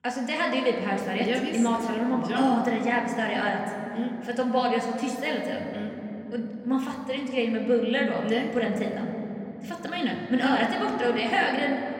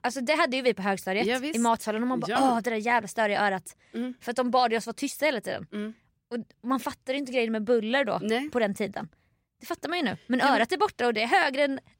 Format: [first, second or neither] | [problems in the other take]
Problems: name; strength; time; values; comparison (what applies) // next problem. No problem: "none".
second | room echo; noticeable; dies away in 3 s // off-mic speech; somewhat distant